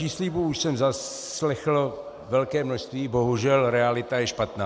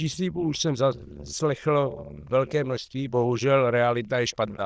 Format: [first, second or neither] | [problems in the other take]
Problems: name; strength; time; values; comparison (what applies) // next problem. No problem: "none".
first | noise reduction (neural diffusion model UNIVERSE++)